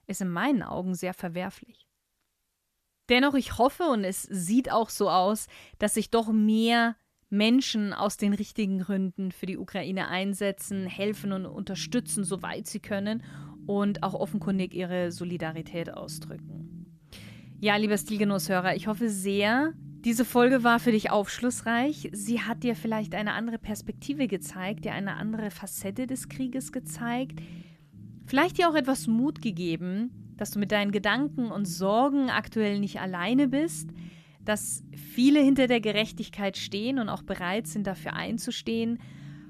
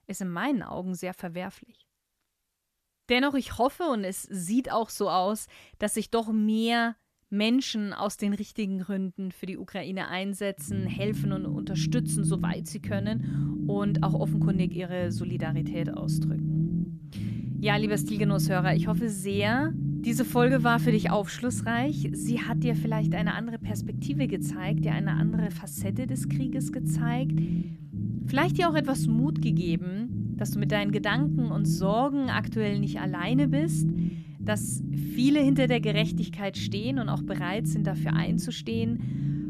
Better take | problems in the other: first | low rumble; loud; from 11 s on; 7 dB below the speech; faint in the first

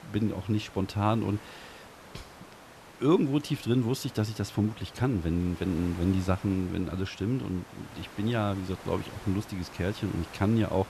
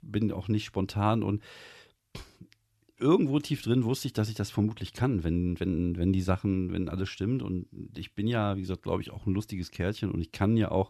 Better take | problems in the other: second | hiss; noticeable; throughout; 15 dB below the speech

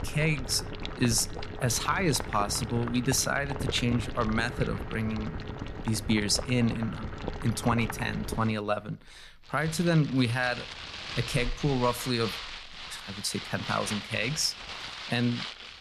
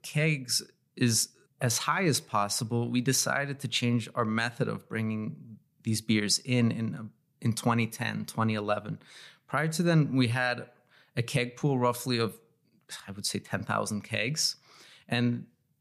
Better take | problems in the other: second | household noises; loud; throughout; 9 dB below the speech

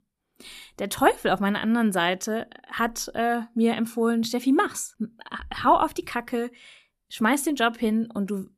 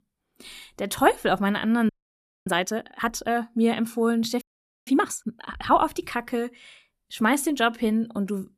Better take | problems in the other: first | audio freezing; at 2 s for 0.5 s and at 4.5 s

